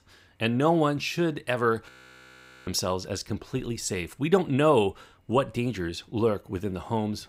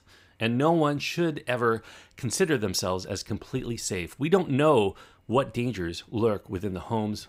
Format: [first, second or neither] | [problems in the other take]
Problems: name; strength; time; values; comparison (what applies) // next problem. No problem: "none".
second | audio freezing; at 2 s for 1 s